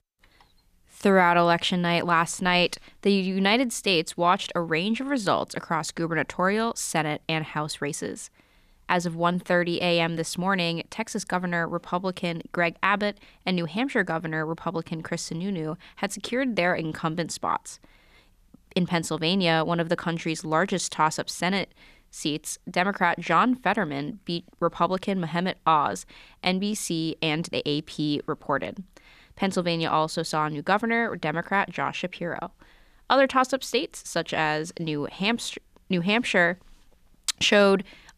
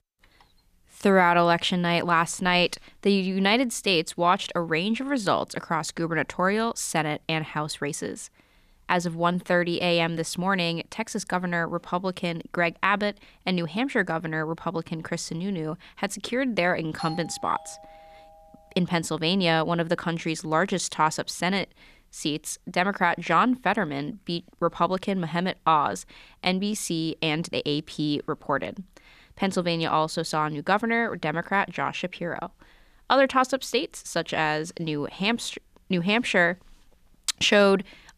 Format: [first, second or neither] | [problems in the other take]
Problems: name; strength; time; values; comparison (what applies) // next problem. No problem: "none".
first | doorbell; faint; from 17 to 18 s; peak 10 dB below the speech